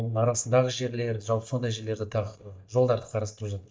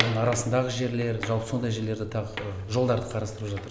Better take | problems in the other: second | noise reduction (neural mask model DeepFilterNet 3)

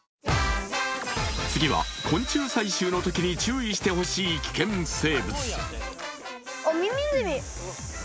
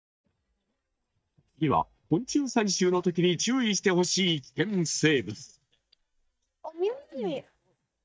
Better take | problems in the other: first | noise reduction (neural mask model DeepFilterNet 3)

